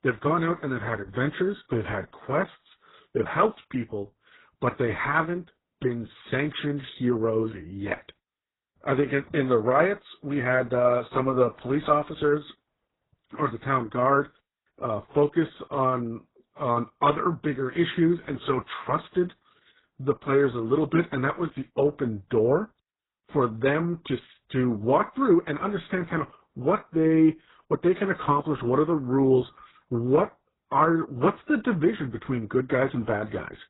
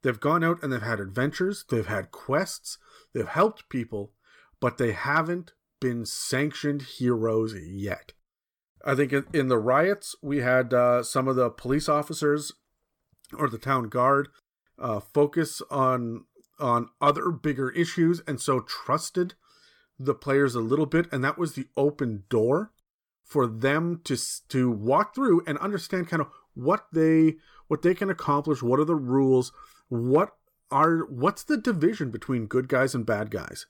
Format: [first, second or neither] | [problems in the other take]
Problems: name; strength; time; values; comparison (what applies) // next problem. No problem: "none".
second | garbled, watery; badly; nothing above 4 kHz